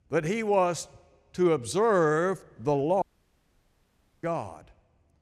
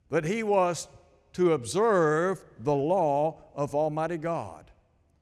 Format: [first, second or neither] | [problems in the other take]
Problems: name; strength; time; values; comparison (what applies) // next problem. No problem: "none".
second | audio cutting out; at 3 s for 1 s